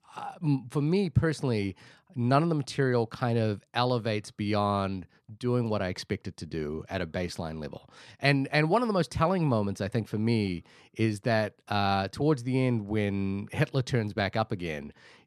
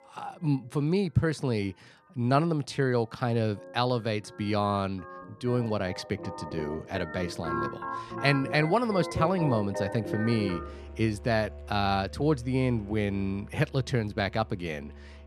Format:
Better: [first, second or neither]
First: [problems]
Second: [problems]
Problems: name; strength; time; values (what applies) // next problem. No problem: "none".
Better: first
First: none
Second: background music; noticeable; throughout; 10 dB below the speech